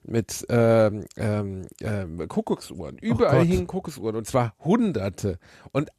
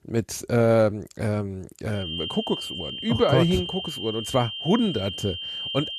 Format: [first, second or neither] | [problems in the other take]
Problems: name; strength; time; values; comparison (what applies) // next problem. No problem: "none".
first | high-pitched whine; loud; from 2 s on; 3 kHz, 6 dB below the speech